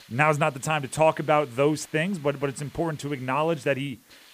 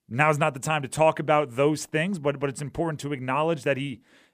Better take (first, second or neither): second